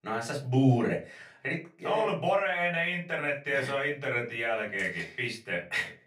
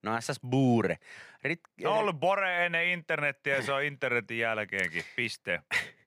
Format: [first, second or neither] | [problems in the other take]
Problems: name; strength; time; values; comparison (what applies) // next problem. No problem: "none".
second | off-mic speech; far // room echo; very slight; dies away in 0.3 s